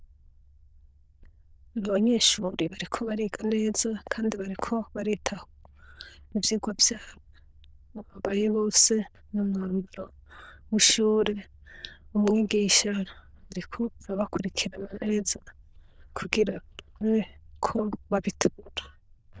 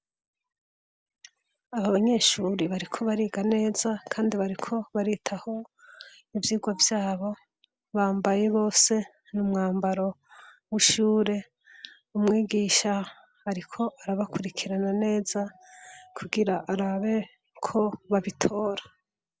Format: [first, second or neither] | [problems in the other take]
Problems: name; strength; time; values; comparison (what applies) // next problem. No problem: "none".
second | noise reduction (neural diffusion model UNIVERSE++)